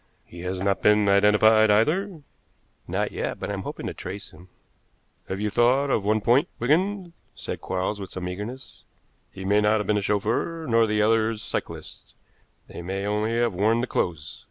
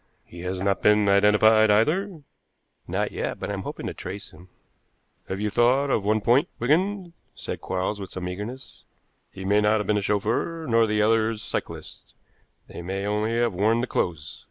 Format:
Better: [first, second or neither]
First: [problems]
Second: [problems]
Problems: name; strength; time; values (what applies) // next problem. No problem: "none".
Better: first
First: none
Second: noise reduction (neural mask model Resemble Enhance denoiser)